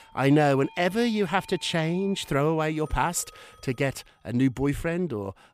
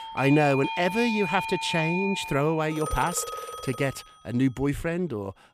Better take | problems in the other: first | alarms or sirens; loud; throughout; 6 dB below the speech; faint in the first

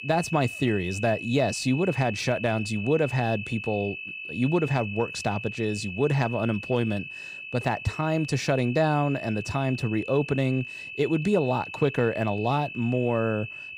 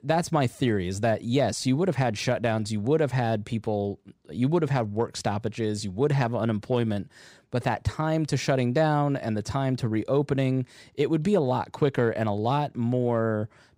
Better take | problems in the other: second | high-pitched whine; loud; throughout; 2.5 kHz, 9 dB below the speech

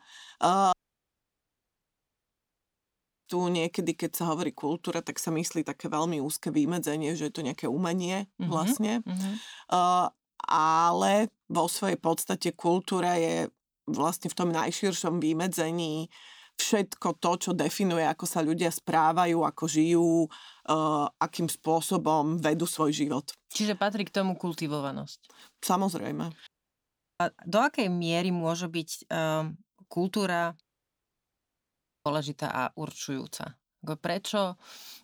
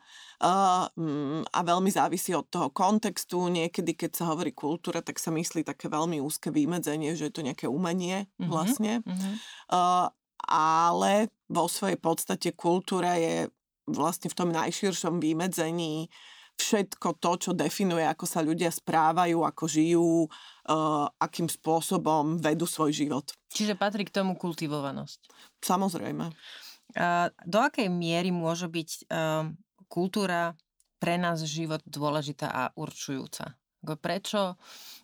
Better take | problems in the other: second | audio cutting out; at 0.5 s for 2.5 s, at 26 s for 0.5 s and at 31 s for 1.5 s

